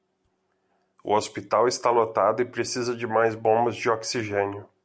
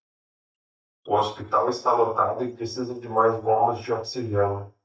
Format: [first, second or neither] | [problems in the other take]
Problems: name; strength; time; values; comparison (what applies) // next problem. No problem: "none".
first | noise reduction (neural mask model DeepFilterNet 3)